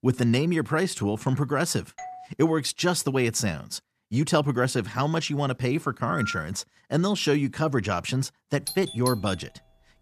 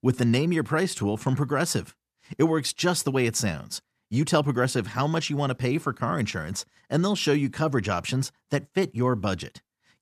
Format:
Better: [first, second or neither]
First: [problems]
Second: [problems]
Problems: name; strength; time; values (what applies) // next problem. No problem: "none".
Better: second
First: doorbell; faint; at 2 s; peak 15 dB below the speech // phone ringing; noticeable; at 6 s; peak 6 dB below the speech // doorbell; noticeable; at 8.5 s; peak 8 dB below the speech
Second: none